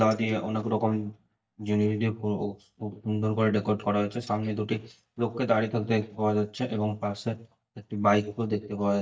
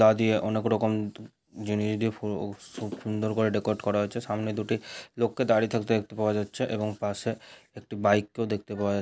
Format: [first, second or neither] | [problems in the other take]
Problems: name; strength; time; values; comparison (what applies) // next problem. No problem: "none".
second | noise reduction (neural mask model DeepFilterNet 3)